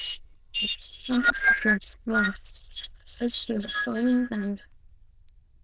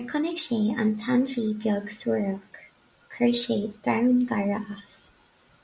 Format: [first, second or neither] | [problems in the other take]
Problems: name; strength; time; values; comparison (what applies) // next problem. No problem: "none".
second | noise reduction (neural diffusion model UNIVERSE++)